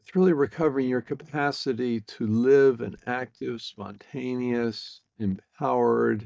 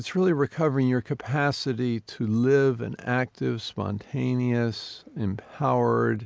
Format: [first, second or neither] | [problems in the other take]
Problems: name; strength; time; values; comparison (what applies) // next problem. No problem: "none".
second | noise reduction (neural mask model DeepFilterNet 3)